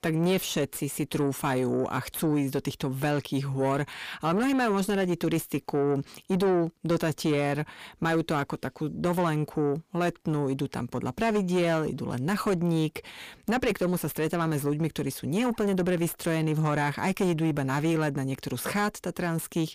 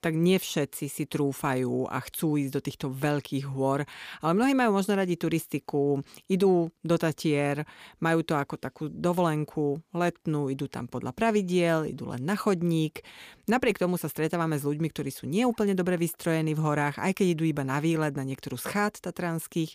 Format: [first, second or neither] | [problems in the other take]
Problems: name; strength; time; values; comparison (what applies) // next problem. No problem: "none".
second | distortion; slight; 9 dB below the speech